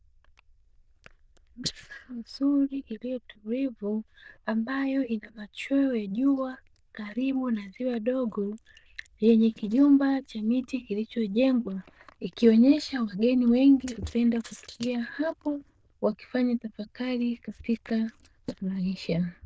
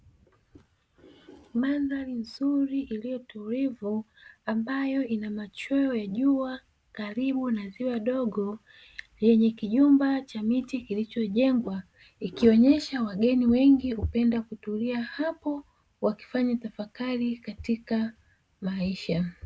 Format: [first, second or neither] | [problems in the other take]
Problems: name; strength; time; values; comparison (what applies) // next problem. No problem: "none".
second | noise reduction (neural diffusion model UNIVERSE++)